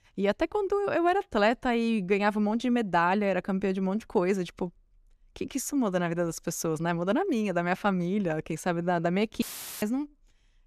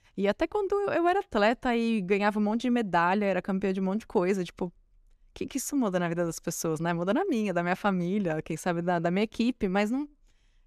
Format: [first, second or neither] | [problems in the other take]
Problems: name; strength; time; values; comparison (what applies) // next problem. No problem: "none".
second | audio cutting out; filled with static; at 9.5 s